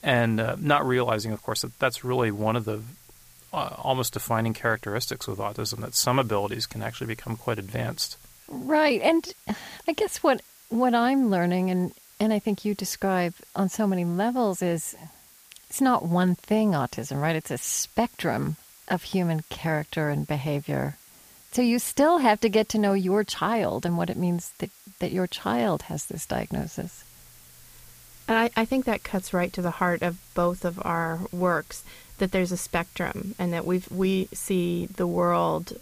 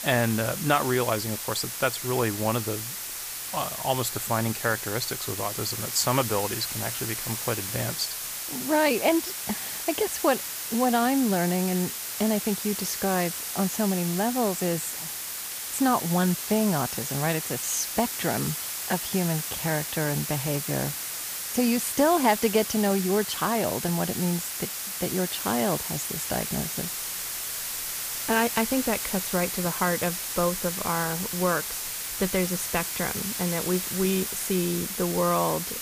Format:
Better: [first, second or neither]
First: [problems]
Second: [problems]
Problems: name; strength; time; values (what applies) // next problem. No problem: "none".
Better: first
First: hiss; faint; throughout; 25 dB below the speech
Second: hiss; loud; throughout; 3 dB below the speech